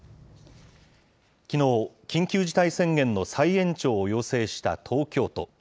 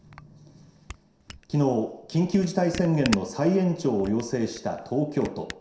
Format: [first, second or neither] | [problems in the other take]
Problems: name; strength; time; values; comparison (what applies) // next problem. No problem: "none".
first | background sound (Camera); 15 dB below the speech // room echo; dies away in 0.7 s